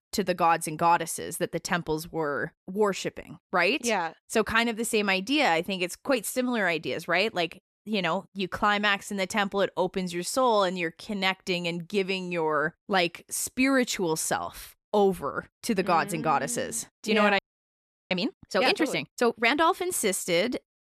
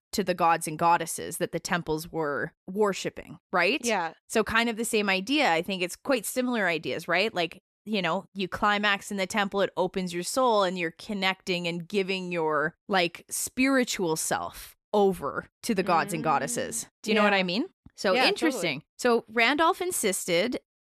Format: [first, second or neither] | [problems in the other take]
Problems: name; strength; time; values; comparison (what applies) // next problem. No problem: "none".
second | audio freezing; at 17 s for 0.5 s